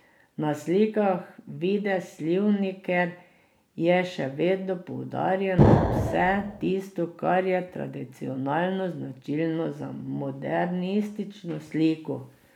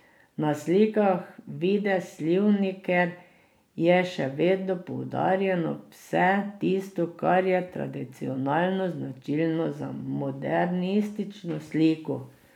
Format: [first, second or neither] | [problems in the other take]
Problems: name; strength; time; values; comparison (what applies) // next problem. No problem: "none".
second | background sound (Explosion); 4 dB above the speech